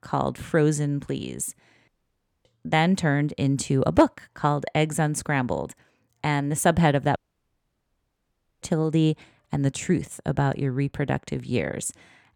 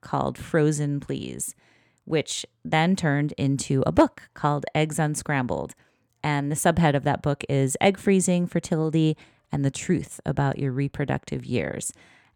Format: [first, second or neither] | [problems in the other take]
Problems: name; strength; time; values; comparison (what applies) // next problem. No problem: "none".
second | audio cutting out; at 2 s for 0.5 s and at 7 s for 1.5 s